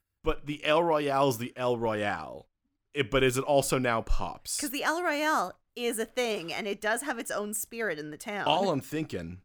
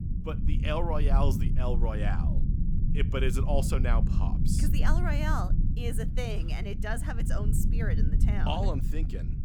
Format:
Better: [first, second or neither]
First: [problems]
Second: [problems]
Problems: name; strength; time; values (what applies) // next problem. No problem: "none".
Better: first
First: none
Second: low rumble; loud; throughout; 7 dB below the speech